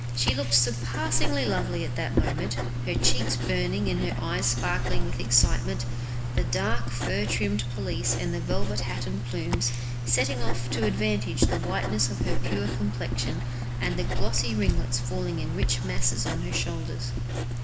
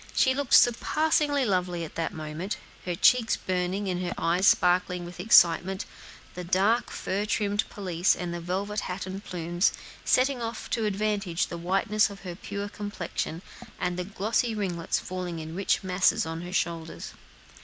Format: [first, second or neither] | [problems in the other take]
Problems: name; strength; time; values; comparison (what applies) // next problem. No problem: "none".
second | background sound (Writing); 4 dB above the speech // room echo; dies away in 1.3 s